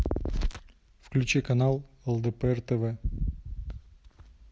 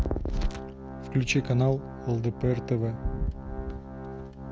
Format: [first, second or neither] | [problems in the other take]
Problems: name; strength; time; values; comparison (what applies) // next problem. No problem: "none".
first | background sound (Organ); 10 dB below the speech